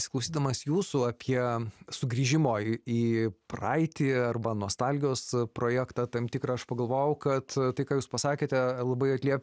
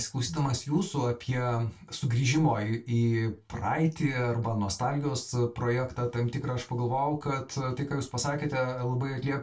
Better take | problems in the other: first | room echo; dies away in 0.2 s

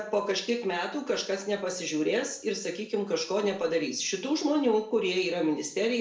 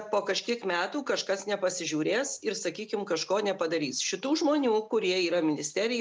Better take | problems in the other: second | room echo; dies away in 0.4 s

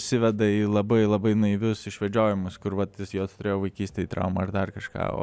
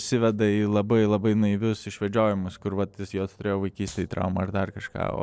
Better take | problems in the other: first | noise reduction (neural separator model SepFormer DNS4)

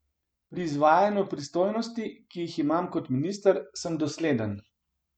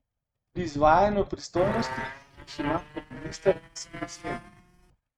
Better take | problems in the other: first | noise reduction (neural mask model RNNoise)

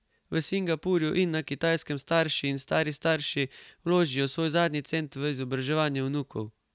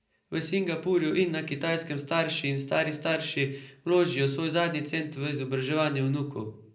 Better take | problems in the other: first | room echo; dies away in 0.5 s

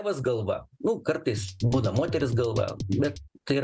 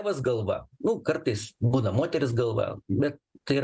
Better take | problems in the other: second | background sound (Drum kit); 8 dB below the speech

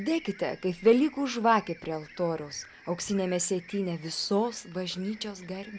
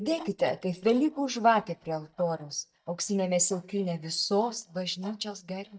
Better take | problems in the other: first | noise reduction (neural mask model DeepFilterNet 3)

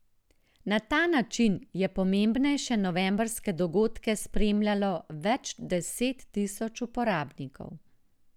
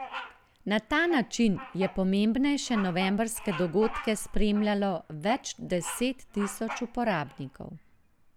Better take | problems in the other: first | background sound (Bird vocalization, bird call, bird song); 15 dB below the speech

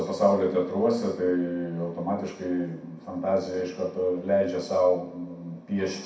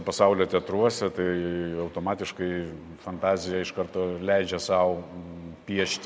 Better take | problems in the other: second | room echo; dies away in 0.6 s

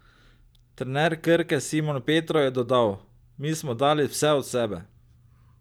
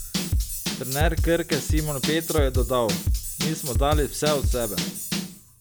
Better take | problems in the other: first | background sound (Drum / Drum kit); 1 dB above the speech

